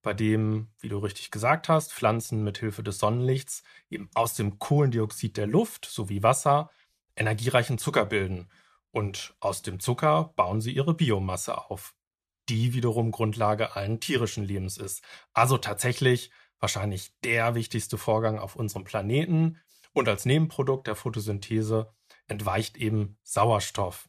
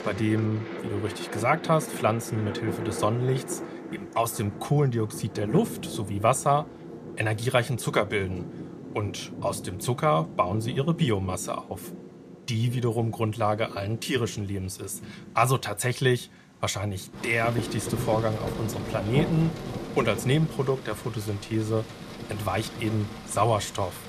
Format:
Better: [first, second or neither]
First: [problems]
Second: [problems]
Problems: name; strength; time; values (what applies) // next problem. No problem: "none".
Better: first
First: none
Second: rain or running water; loud; throughout; 10 dB below the speech